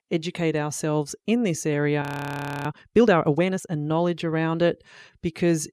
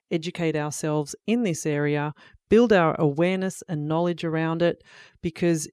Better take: second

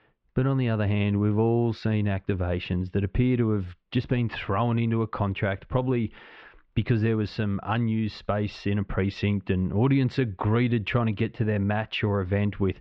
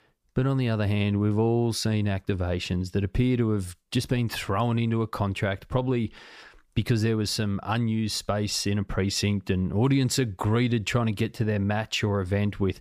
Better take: second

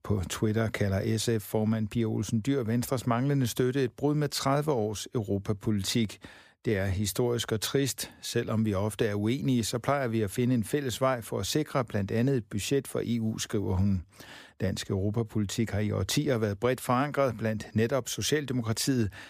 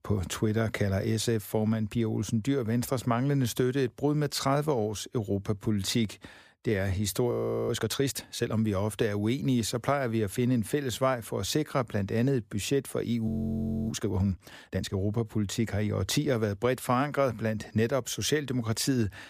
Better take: first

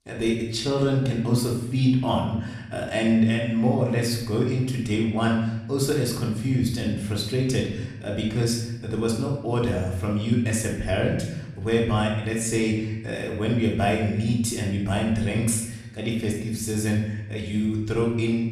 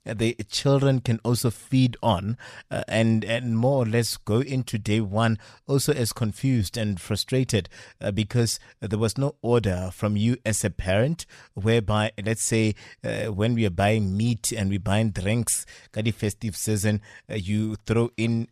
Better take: second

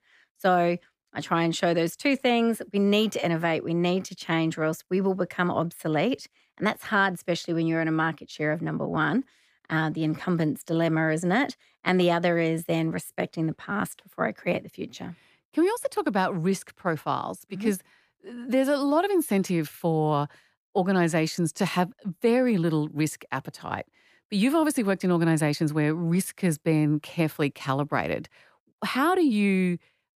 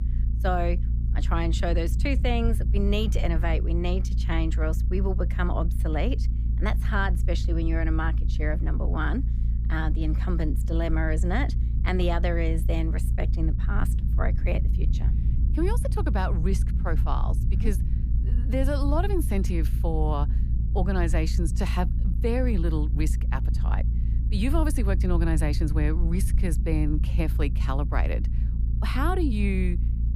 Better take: first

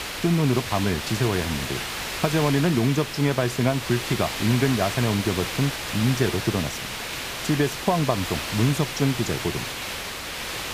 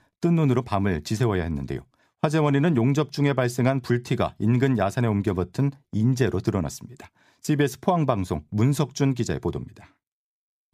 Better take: second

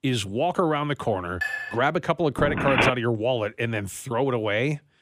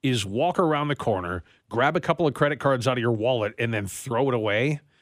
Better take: second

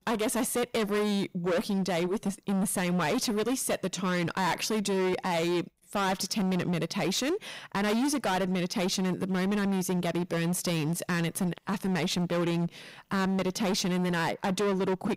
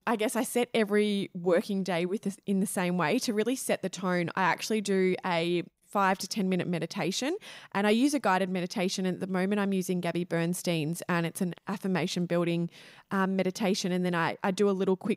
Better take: second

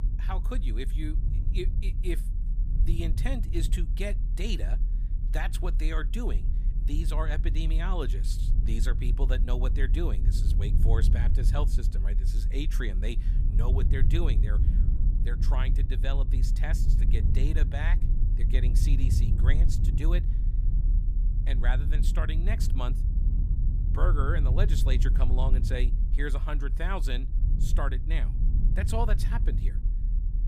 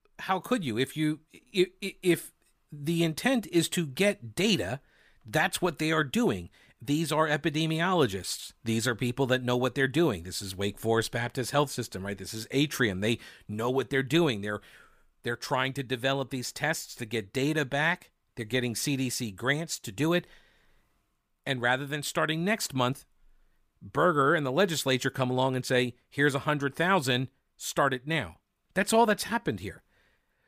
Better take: second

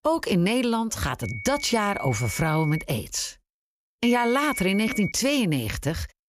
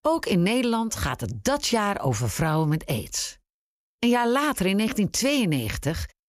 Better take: second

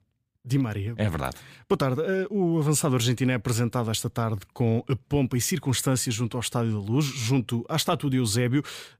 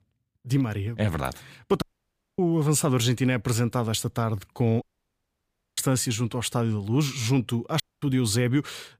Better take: first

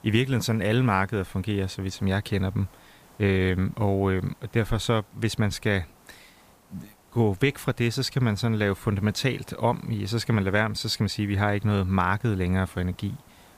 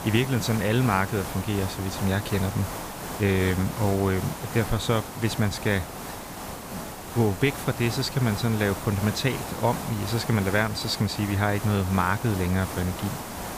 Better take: first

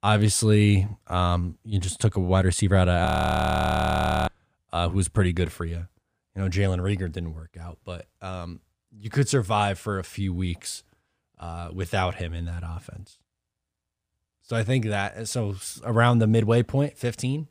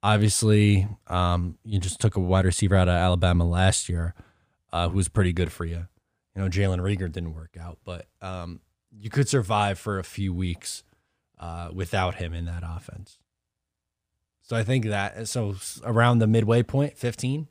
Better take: second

